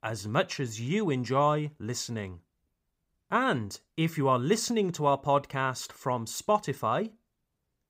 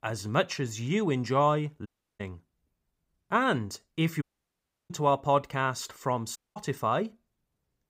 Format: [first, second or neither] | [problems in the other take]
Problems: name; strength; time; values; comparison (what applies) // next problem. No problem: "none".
first | audio cutting out; at 2 s, at 4 s for 0.5 s and at 6.5 s